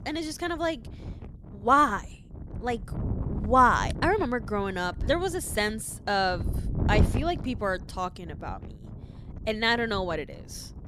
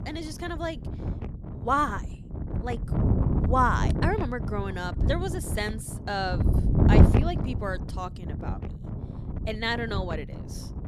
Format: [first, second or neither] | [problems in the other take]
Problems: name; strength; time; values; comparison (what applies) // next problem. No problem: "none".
first | wind noise on the microphone; heavy; 7 dB below the speech; occasional gusts in the first